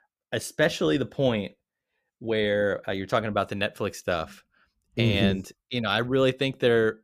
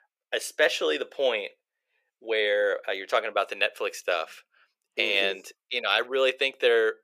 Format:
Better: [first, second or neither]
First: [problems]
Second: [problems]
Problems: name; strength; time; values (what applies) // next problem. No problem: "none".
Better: first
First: none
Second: thin; very; fading below 450 Hz